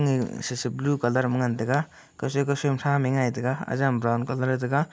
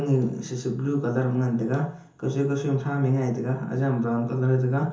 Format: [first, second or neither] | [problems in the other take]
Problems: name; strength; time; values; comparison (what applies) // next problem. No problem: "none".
first | room echo; dies away in 0.6 s